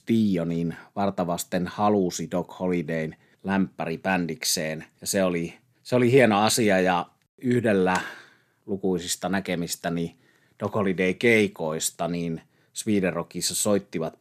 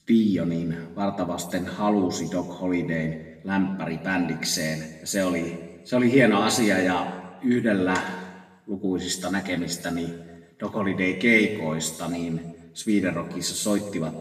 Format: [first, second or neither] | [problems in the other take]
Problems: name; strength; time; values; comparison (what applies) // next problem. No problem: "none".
first | room echo; slight; dies away in 1 s // off-mic speech; far